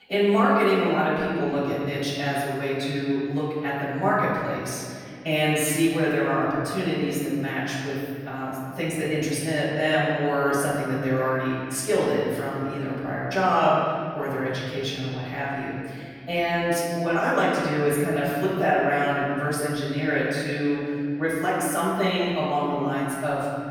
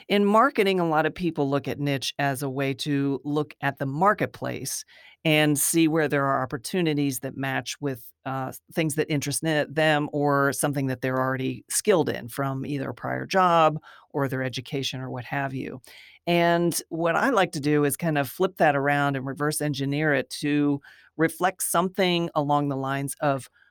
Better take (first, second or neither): second